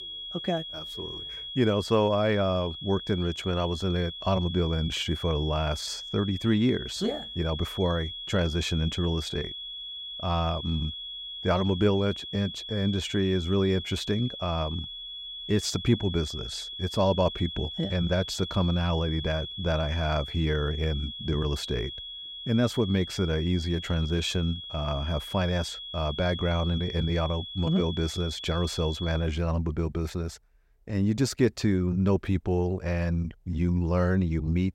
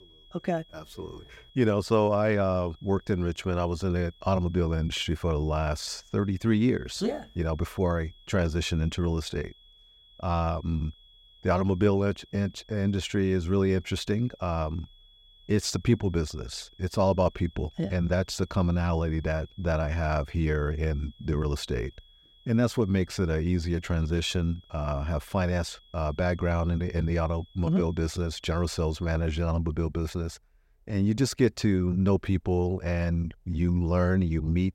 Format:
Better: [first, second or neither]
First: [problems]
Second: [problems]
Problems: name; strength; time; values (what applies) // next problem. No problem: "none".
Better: second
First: high-pitched whine; loud; until 29 s; 3.5 kHz, 8 dB below the speech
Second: high-pitched whine; faint; until 29 s; 3.5 kHz, 30 dB below the speech